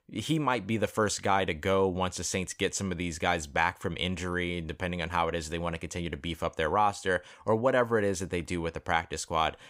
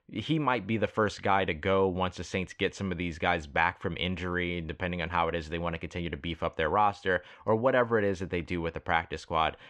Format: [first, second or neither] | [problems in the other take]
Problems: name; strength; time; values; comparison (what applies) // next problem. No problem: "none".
first | muffled; slightly; fading above 3 kHz